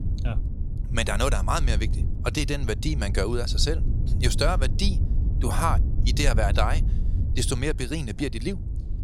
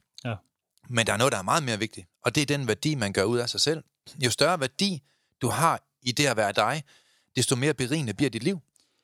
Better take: second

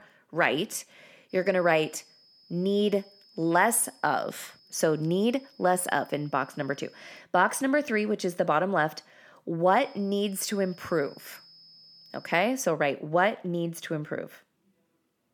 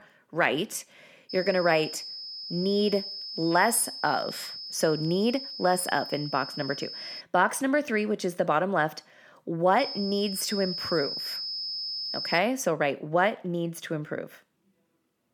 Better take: first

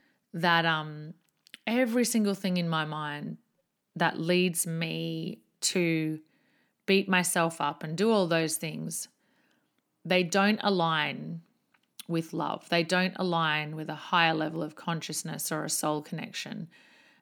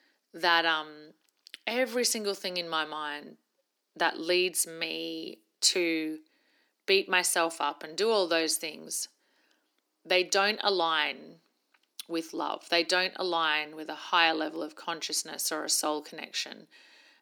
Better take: first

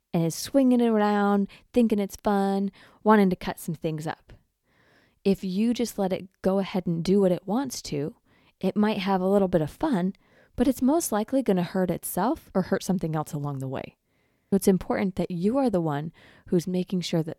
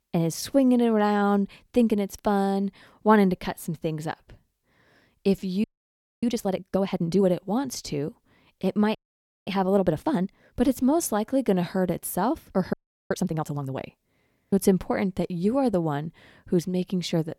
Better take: first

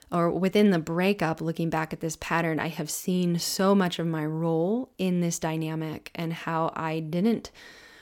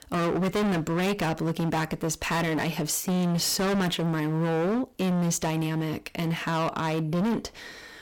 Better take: first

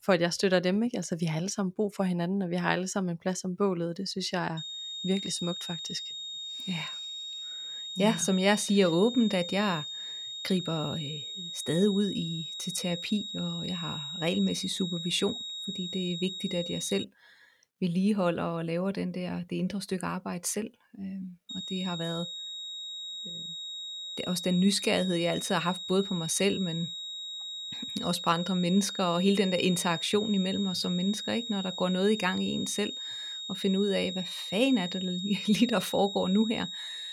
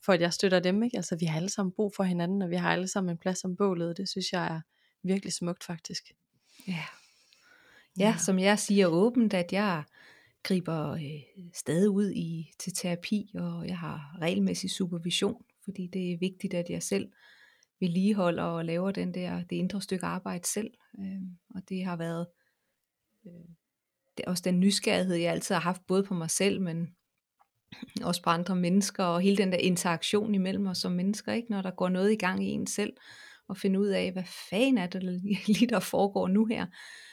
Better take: second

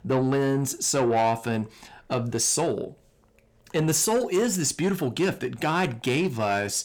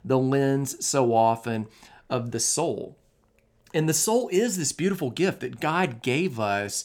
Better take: second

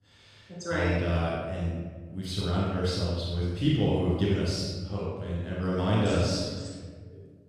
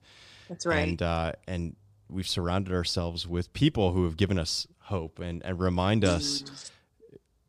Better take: second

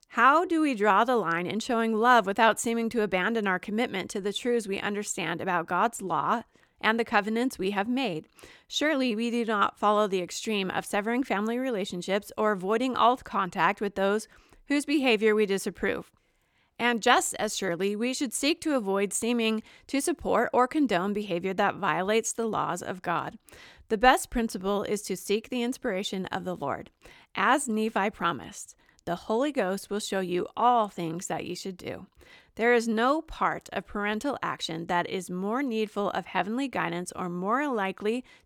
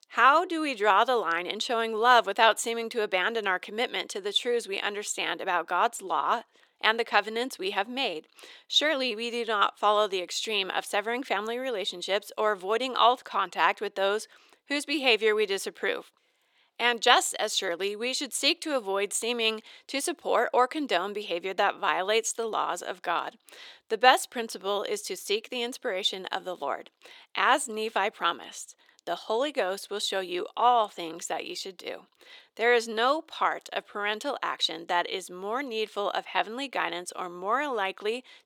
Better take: first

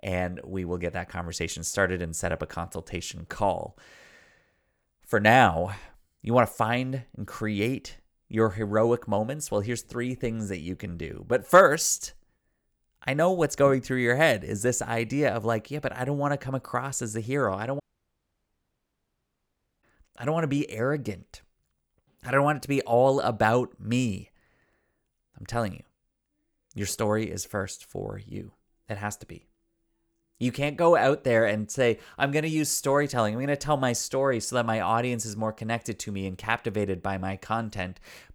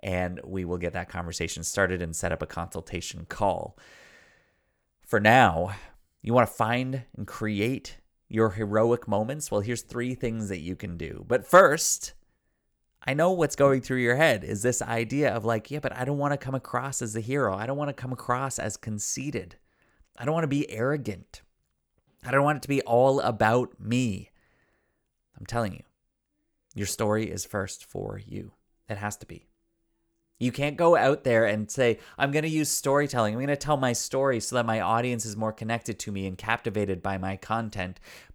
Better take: second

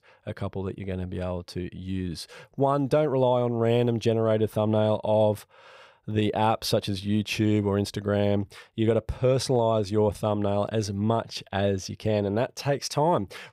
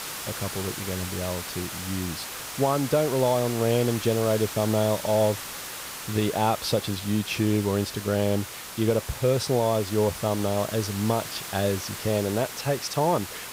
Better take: first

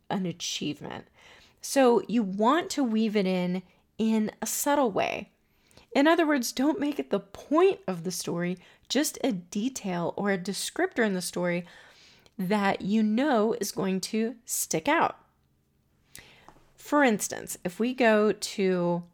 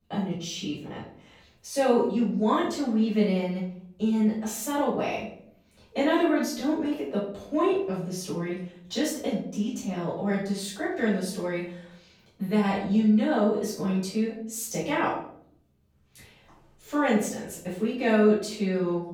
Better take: first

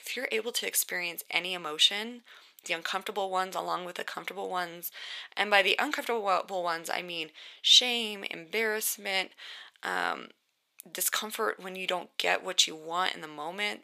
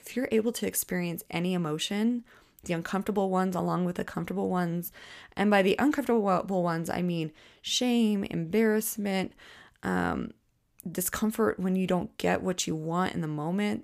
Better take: second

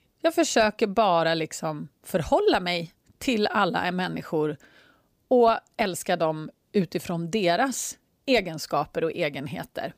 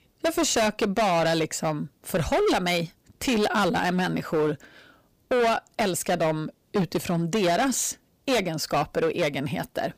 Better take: first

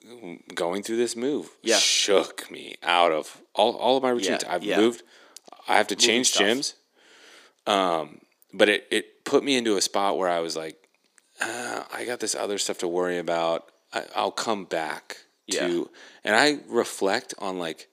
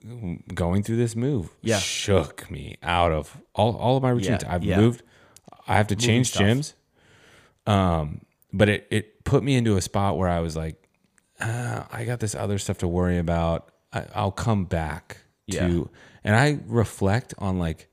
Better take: second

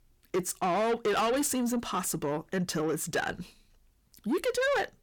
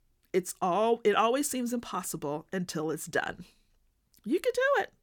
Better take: second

